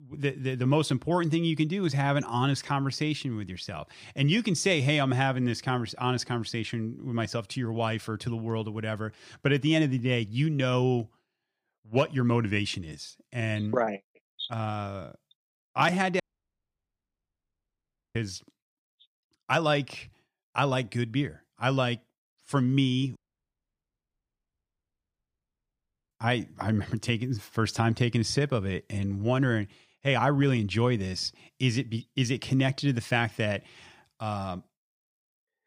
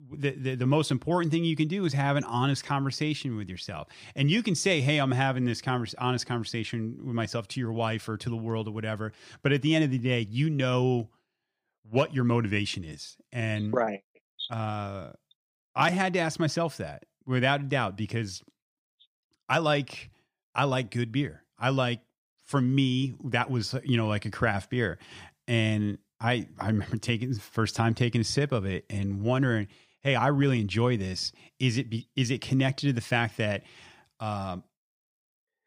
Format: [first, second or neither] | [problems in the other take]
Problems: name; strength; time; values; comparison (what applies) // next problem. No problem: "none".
second | audio cutting out; at 16 s for 2 s and at 23 s for 3 s